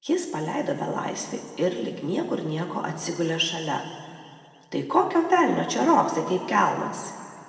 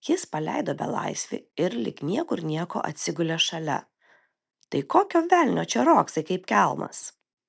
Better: second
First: room echo; dies away in 2.1 s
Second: none

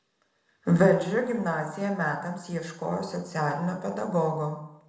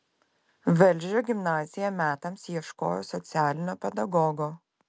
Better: second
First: room echo; dies away in 0.7 s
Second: none

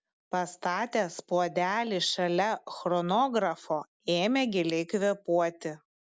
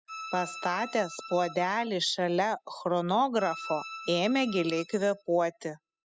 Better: first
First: none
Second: noise reduction (classical method spectral subtraction)

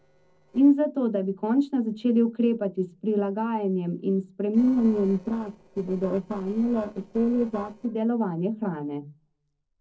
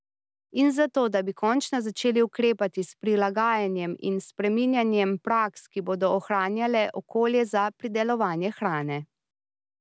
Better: second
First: noise reduction (neural separator model SepFormer DNS4)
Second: none

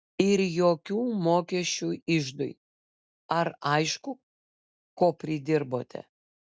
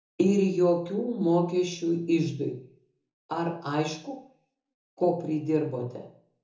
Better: first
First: none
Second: room echo; dies away in 0.5 s

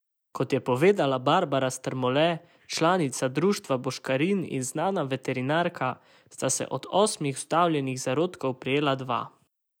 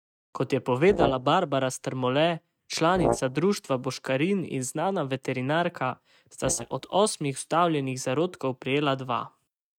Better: first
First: none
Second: noise reduction (neural mask model RNNoise)

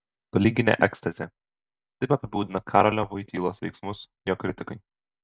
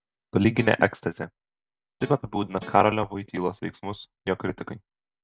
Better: first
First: none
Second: background sound (Guitar); 18 dB below the speech

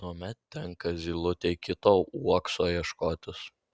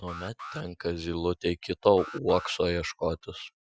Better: first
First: none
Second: noise reduction (classical method Wiener filter)

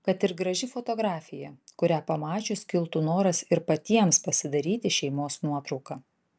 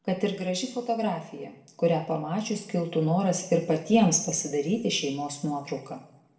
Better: first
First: none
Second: room echo; dies away in 0.7 s

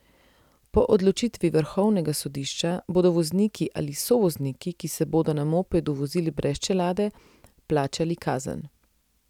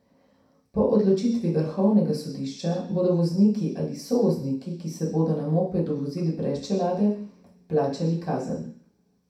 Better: first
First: none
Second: room echo; dies away in 0.6 s

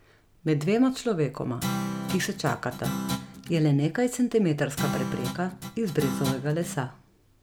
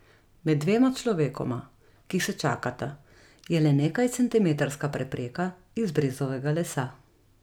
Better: second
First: background sound (Guitar); 6 dB below the speech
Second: none

